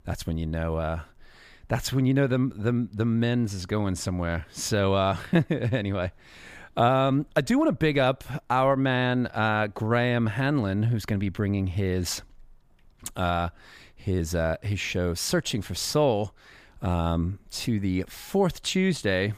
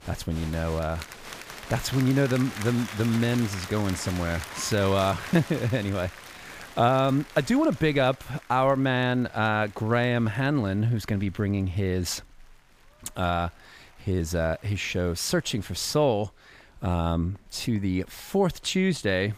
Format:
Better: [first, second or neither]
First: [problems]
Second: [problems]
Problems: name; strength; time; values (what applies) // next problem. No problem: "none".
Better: first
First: none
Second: crowd noise; noticeable; throughout; 15 dB below the speech